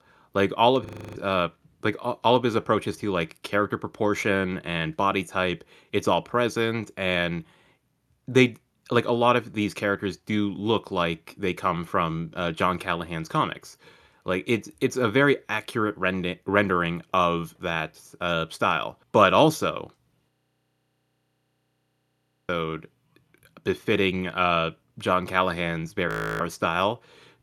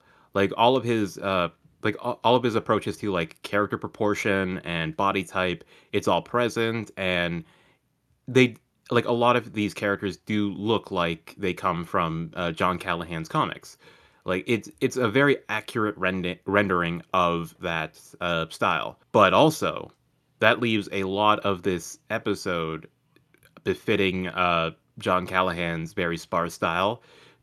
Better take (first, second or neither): second